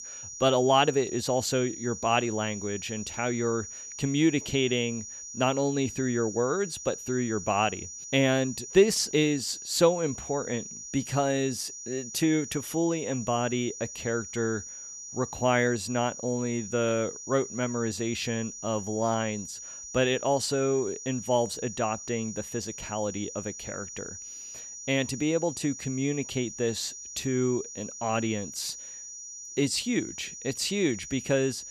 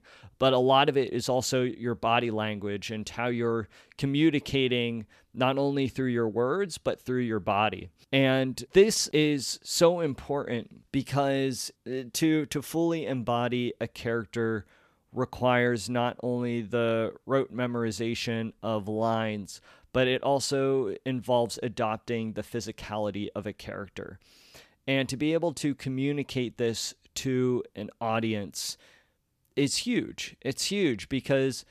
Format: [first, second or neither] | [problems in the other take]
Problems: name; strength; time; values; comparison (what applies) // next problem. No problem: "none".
second | high-pitched whine; noticeable; throughout; 6 kHz, 10 dB below the speech